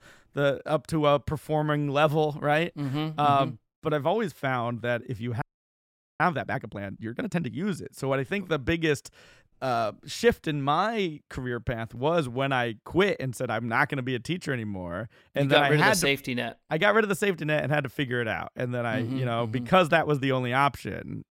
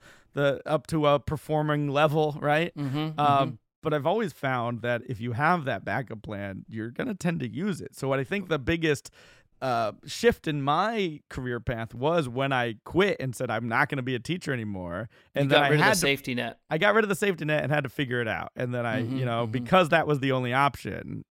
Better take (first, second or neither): second